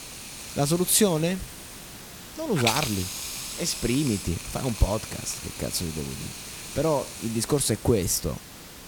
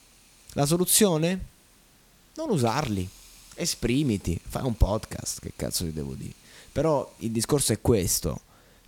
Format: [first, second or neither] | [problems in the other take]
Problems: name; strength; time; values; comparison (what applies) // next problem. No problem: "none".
second | hiss; loud; throughout; 8 dB below the speech; faint in the second